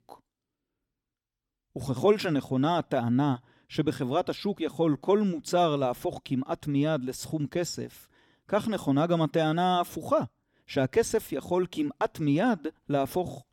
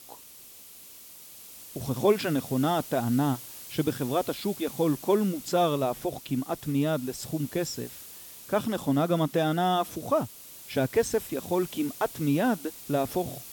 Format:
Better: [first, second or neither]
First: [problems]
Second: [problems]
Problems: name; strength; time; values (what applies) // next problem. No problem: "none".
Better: first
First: none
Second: hiss; noticeable; throughout; 15 dB below the speech